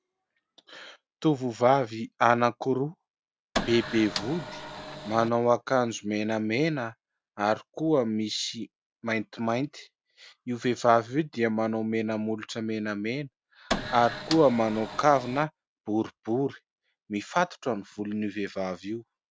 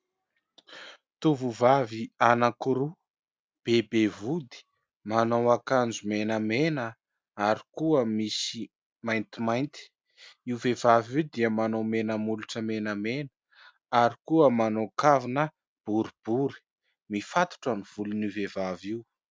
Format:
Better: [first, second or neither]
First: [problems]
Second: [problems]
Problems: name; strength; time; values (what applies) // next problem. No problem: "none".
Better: second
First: background sound (Printer); 7 dB below the speech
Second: none